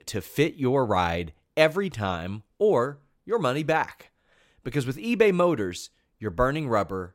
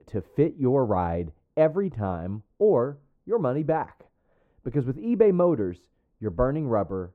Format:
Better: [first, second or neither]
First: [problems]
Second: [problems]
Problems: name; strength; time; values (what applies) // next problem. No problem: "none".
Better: first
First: none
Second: muffled; very; fading above 2 kHz